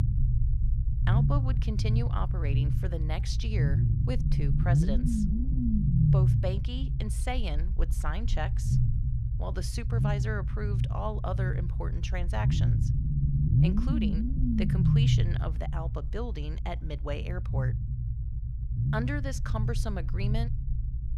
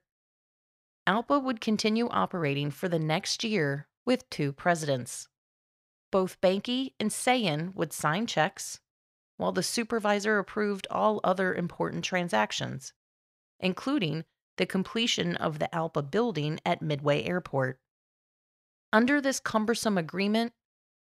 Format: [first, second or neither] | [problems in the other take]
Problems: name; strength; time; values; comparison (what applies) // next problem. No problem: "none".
second | low rumble; loud; throughout; 2 dB below the speech